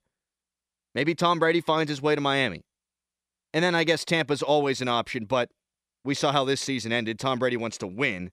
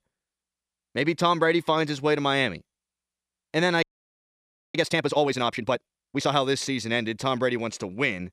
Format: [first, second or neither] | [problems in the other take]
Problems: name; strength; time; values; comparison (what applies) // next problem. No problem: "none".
first | audio freezing; at 4 s for 1 s